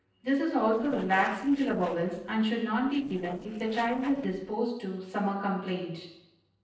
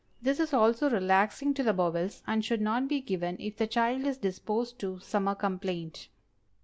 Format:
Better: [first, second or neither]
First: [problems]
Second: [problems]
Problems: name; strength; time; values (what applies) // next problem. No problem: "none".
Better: second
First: noise reduction (neural separator model SepFormer DNS4)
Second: none